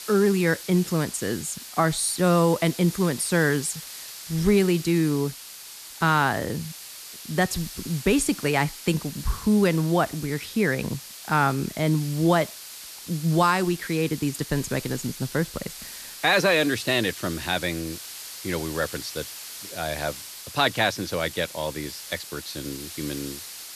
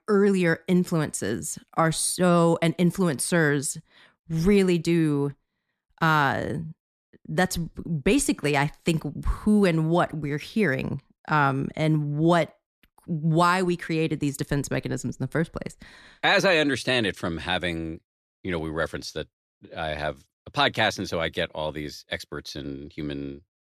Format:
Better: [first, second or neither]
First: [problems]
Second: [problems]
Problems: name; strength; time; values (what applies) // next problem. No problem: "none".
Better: second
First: hiss; noticeable; throughout; 10 dB below the speech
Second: none